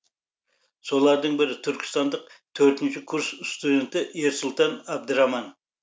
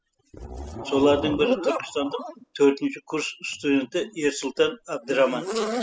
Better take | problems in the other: first | noise reduction (classical method spectral subtraction)

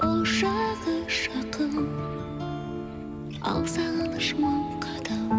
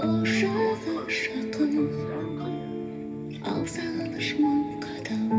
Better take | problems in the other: first | background sound (Sliding door / Train); 17 dB below the speech // room echo; dies away in 0.3 s

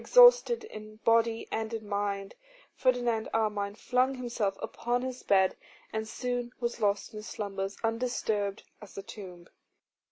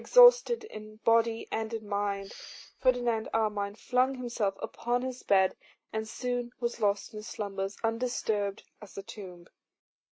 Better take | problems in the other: first | noise reduction (neural mask model RNNoise)

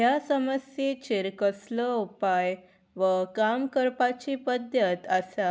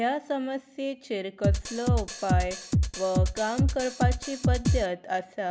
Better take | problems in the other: first | background sound (Drum kit); 4 dB above the speech

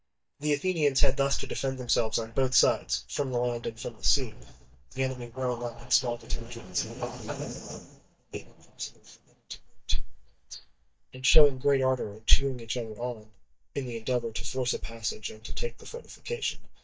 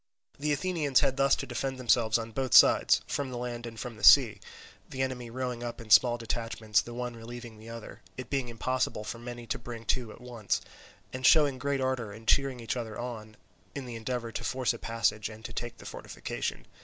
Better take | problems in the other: second | noise reduction (neural mask model DeepFilterNet 3)

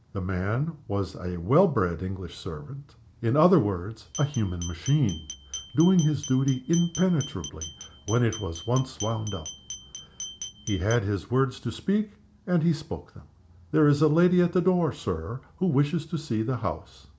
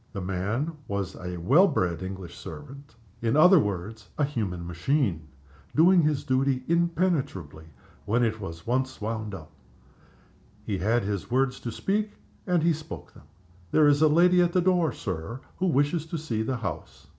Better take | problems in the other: second | background sound (Glass); 14 dB below the speech

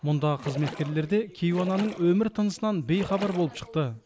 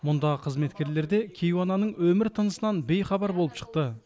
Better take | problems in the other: second | background sound (Splash, splatter); 15 dB below the speech

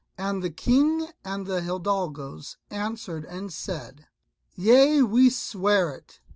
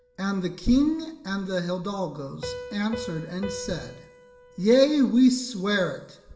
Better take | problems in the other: first | background sound (Piano); 17 dB below the speech // room echo; dies away in 0.9 s

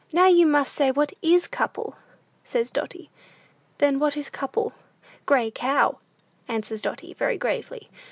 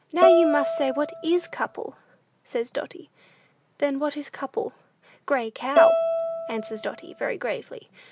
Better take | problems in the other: first | background sound (Bowed string instrument); 4 dB above the speech

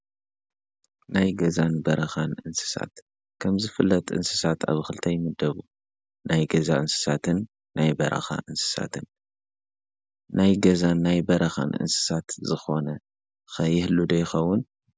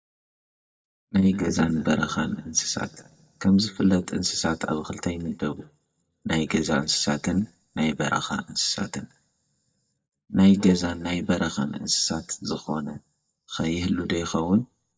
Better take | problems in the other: first | noise reduction (neural mask model DeepFilterNet 3)

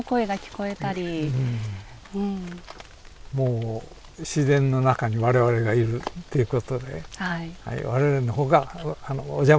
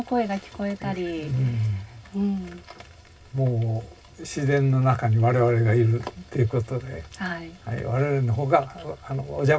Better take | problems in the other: first | room echo; dies away in 0.4 s

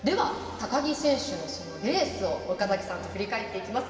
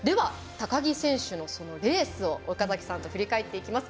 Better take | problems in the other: second | room echo; dies away in 2.6 s

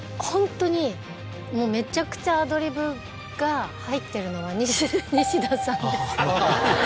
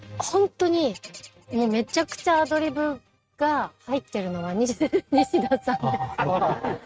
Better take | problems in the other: first | noise reduction (neural mask model RNNoise)

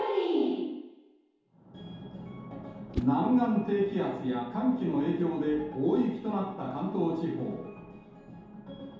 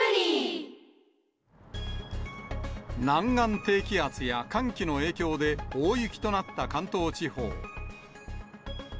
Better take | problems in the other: second | background sound (Whoosh, swoosh, swish); 12 dB below the speech // room echo; dies away in 0.8 s

